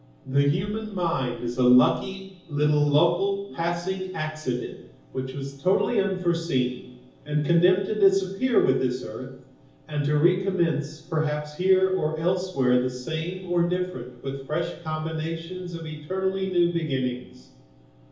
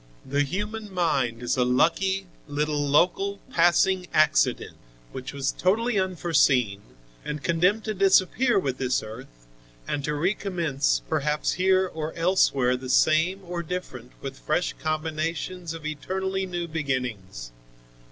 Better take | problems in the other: second | room echo; dies away in 0.7 s

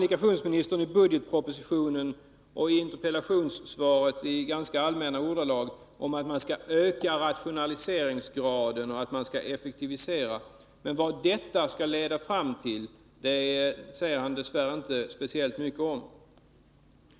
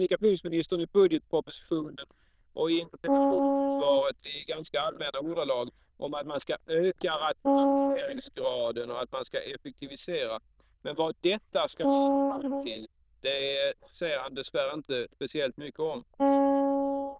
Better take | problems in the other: first | noise reduction (neural diffusion model UNIVERSE++)

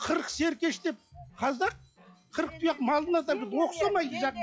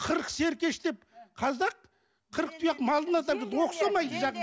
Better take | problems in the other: second | noise reduction (classical method log-MMSE)

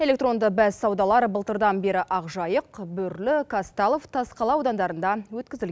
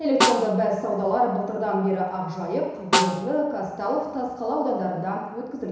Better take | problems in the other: first | background sound (Snare drum); 5 dB below the speech // room echo; dies away in 1 s

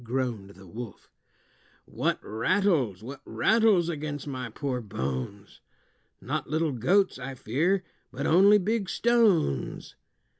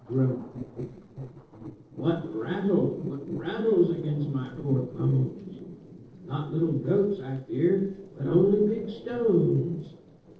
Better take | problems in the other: first | noise reduction (neural separator model SepFormer DNS4)

